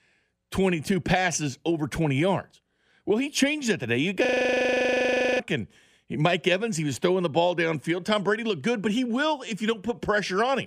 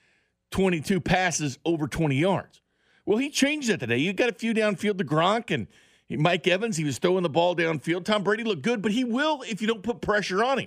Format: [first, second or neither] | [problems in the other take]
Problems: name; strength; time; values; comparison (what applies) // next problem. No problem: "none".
second | audio freezing; at 4.5 s for 1 s